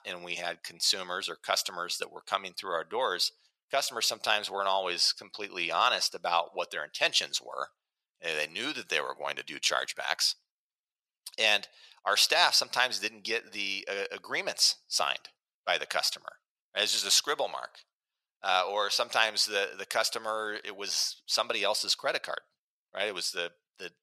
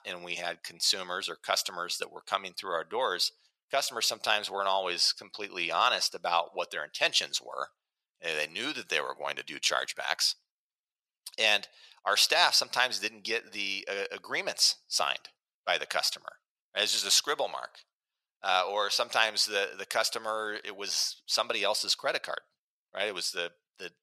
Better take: neither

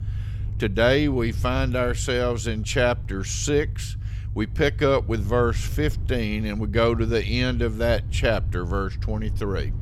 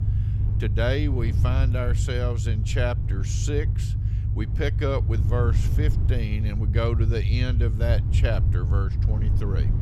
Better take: first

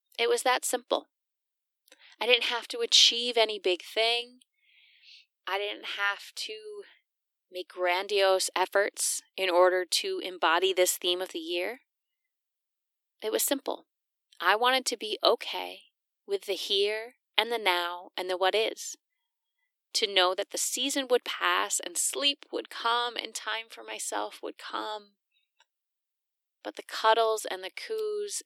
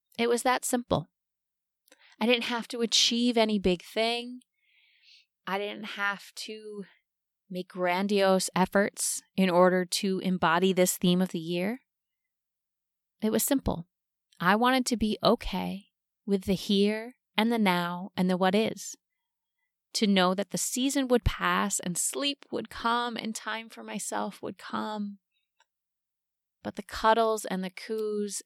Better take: second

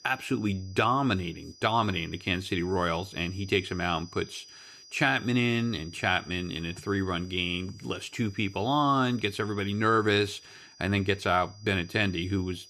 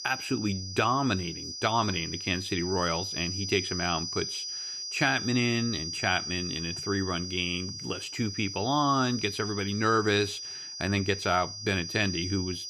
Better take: first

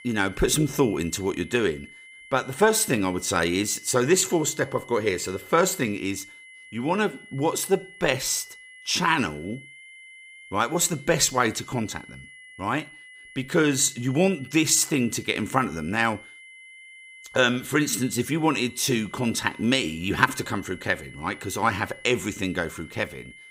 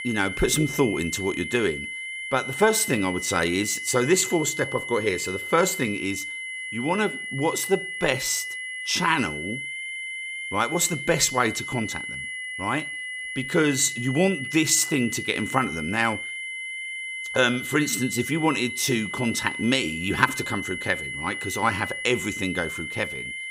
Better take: first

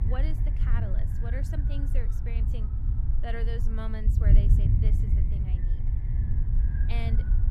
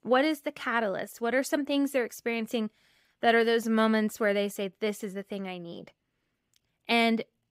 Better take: second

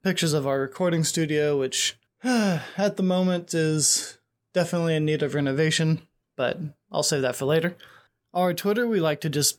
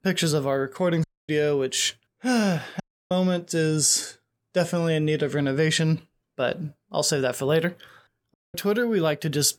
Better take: first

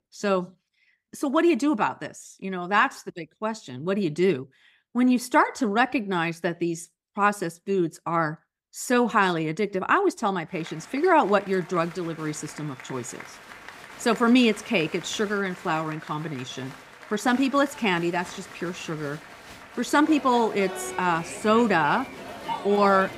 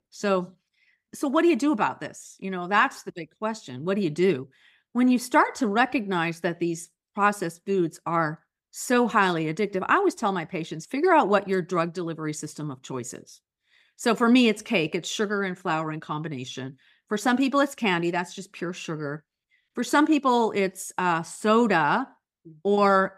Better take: second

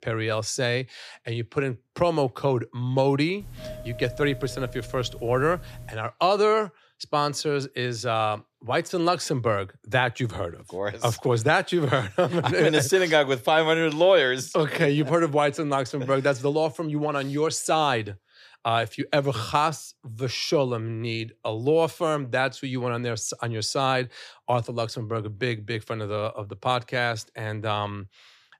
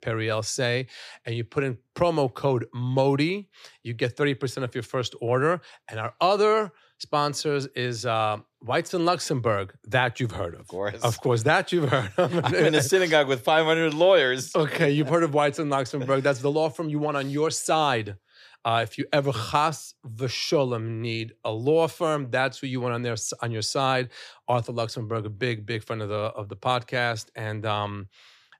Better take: second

